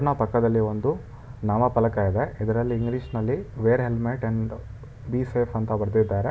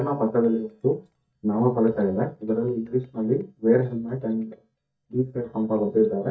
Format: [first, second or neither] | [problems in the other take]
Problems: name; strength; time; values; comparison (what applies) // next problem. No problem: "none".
first | noise reduction (neural mask model DeepFilterNet 3)